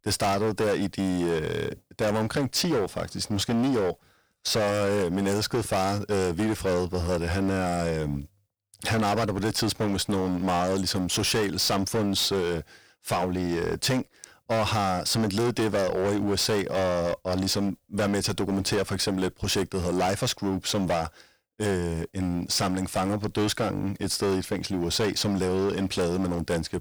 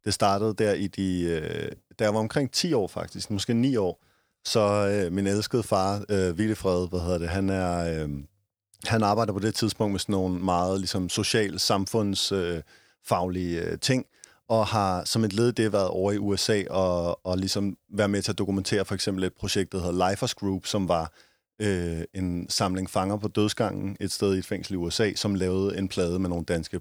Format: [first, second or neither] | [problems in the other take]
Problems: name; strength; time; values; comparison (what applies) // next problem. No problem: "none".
second | distortion; heavy; 18% of the sound clipped